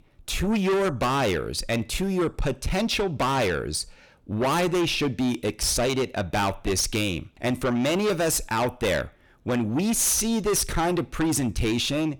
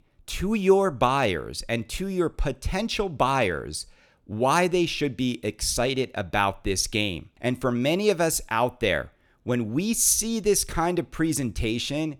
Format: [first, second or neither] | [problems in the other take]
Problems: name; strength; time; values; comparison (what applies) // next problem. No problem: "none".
second | distortion; heavy; 6 dB below the speech